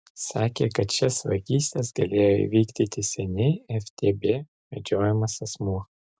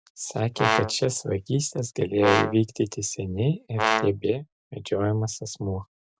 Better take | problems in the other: first | background sound (Brass instrument); 1 dB below the speech

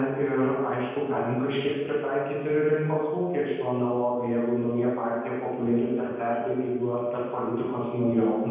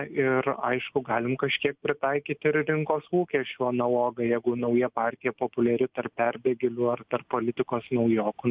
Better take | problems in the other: second | room echo; dies away in 1.2 s

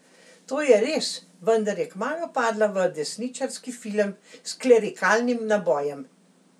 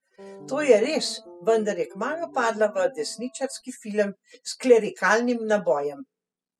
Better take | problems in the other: first | noise reduction (classical method spectral subtraction)

